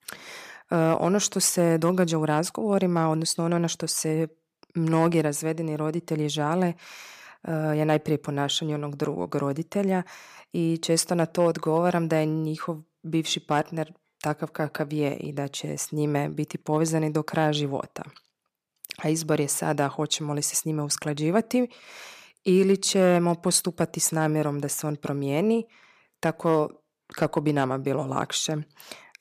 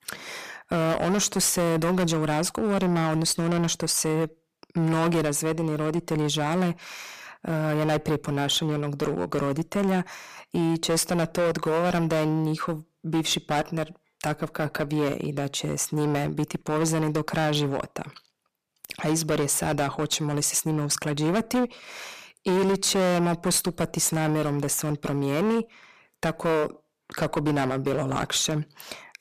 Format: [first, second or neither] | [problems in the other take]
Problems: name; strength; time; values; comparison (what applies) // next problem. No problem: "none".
first | distortion; heavy; 13% of the sound clipped